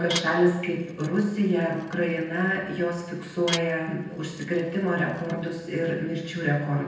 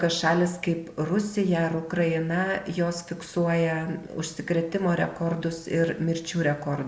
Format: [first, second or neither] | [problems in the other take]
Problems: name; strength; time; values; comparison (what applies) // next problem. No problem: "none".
second | background sound (Dishes, pots, and pans / Glass); 15 dB below the speech // room echo; dies away in 0.9 s